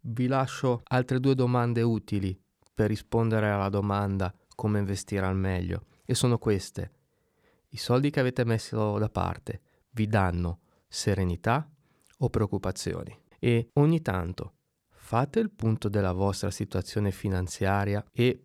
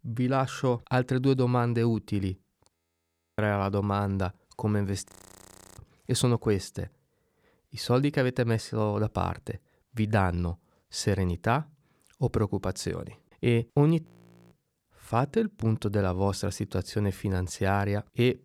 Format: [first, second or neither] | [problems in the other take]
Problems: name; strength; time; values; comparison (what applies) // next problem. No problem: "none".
first | audio freezing; at 3 s for 0.5 s, at 5 s for 0.5 s and at 14 s